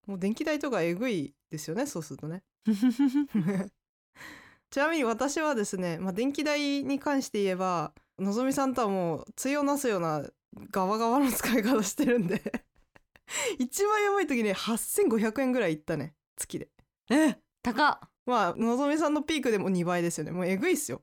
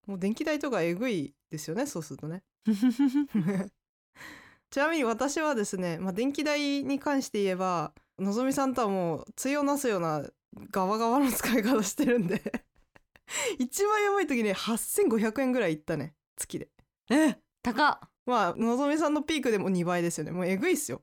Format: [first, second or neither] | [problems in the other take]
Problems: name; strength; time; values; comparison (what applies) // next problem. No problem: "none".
neither | none